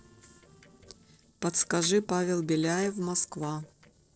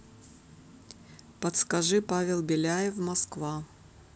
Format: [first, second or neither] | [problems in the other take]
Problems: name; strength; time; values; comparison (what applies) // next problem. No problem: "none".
second | noise reduction (neural separator model SepFormer DNS4)